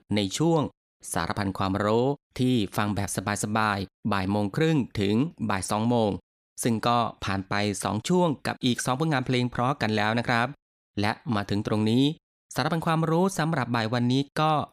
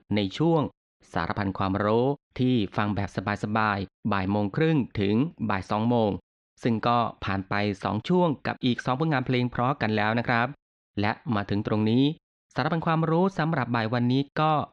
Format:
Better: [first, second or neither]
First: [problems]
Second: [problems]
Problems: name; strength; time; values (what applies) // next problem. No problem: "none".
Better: first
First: none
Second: muffled; slightly; fading above 3.5 kHz